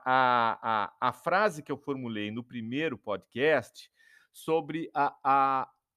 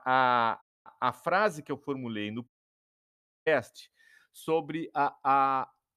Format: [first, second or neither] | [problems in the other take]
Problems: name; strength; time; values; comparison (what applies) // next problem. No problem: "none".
first | audio cutting out; at 0.5 s and at 2.5 s for 1 s